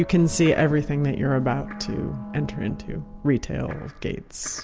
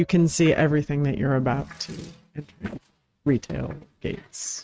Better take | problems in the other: first | noise reduction (neural mask model RNNoise)

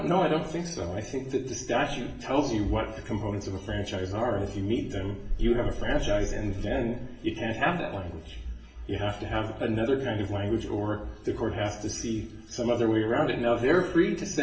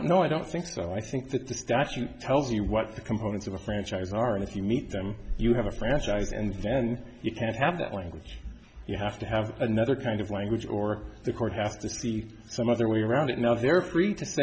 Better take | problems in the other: second | room echo; dies away in 0.6 s

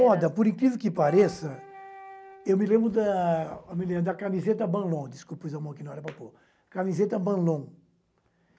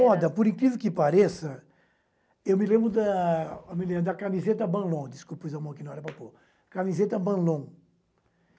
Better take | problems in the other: second | background sound (Wind instrument, woodwind instrument); 18 dB below the speech

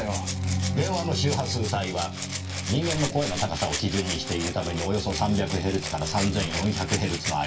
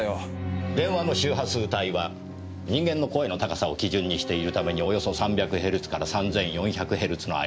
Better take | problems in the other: second | background sound (Rattle (instrument)); 8 dB below the speech // room echo; dies away in 0.2 s

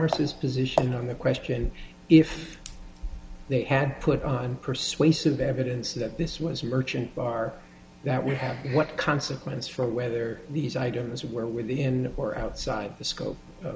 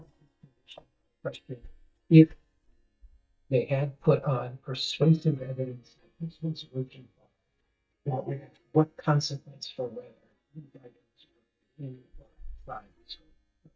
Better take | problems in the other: first | noise reduction (neural mask model DeepFilterNet 3)

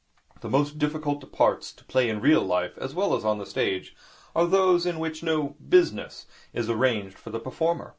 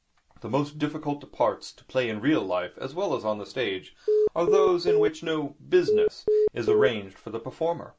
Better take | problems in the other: first | background sound (Telephone); 4 dB above the speech

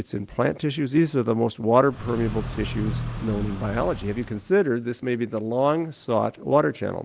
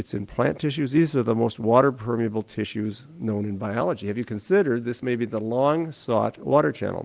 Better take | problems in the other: second | background sound (Car); 8 dB below the speech

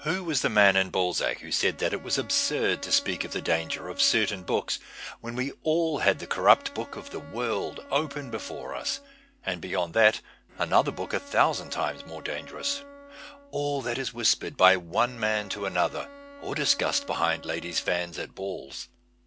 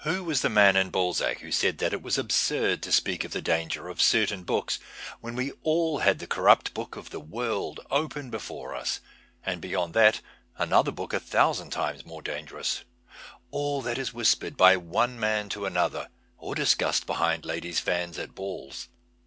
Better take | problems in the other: second | background sound (Bowed string instrument); 20 dB below the speech

